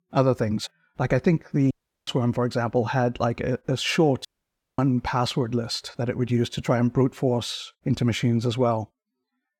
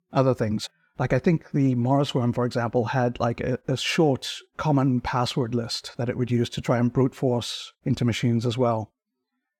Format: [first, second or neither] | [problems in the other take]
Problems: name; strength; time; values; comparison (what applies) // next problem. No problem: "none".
second | audio cutting out; at 1.5 s and at 4.5 s for 0.5 s